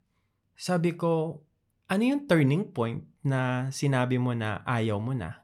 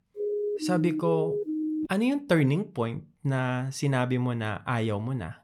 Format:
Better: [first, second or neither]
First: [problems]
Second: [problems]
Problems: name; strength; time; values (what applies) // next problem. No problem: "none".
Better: first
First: none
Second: siren; noticeable; until 2 s; peak 2 dB below the speech